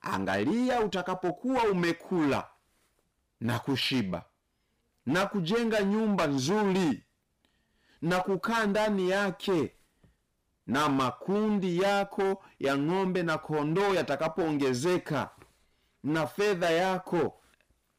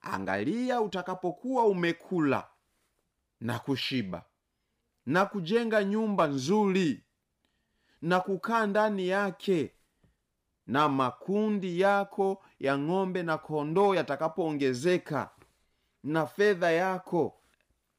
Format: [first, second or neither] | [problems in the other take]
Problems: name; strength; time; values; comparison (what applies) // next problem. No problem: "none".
second | distortion; heavy; 17% of the sound clipped